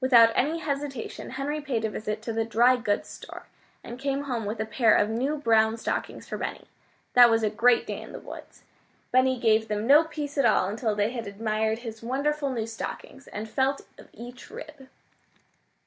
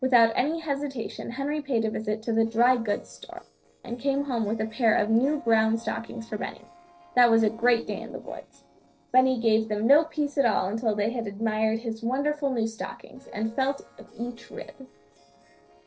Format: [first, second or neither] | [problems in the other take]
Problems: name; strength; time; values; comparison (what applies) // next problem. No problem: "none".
first | noise reduction (neural separator model SepFormer DNS4)